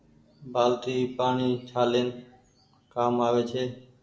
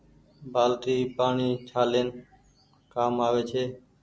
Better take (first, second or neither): second